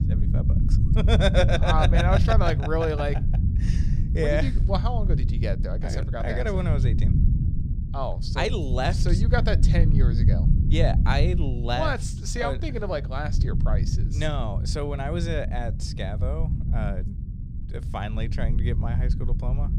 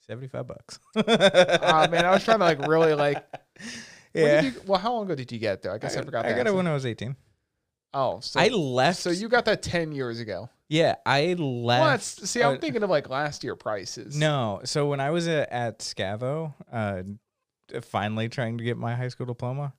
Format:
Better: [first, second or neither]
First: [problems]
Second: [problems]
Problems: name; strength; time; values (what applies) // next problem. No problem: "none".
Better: second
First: low rumble; loud; throughout; 10 dB below the speech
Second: none